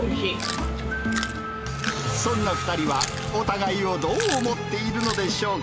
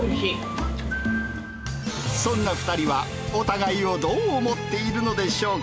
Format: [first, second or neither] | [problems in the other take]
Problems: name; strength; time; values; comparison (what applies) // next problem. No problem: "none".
second | background sound (Race car, auto racing / Accelerating, revving, vroom + Chewing, mastication); 7 dB below the speech